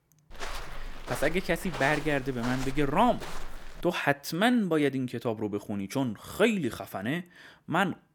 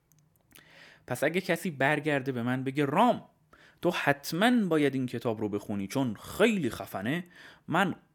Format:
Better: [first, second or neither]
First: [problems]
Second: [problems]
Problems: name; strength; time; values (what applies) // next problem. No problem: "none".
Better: second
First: footsteps; noticeable; until 4 s; peak 8 dB below the speech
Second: none